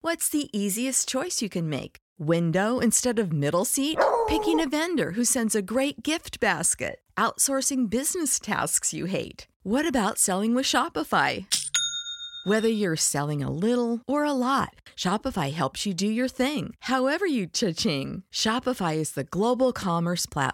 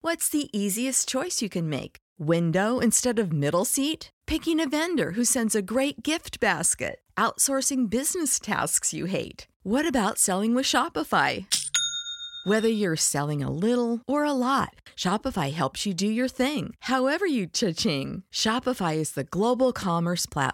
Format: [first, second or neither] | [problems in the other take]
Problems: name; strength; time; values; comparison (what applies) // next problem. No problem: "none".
second | dog barking; loud; at 4 s; peak 2 dB above the speech